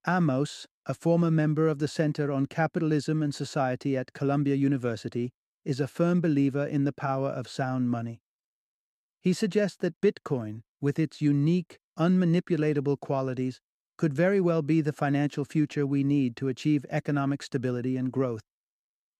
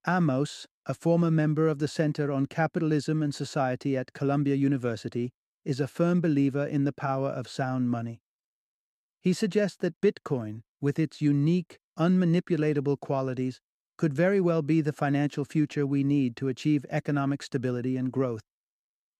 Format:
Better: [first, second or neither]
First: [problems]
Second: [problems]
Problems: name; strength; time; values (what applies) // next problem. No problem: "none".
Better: neither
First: none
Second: none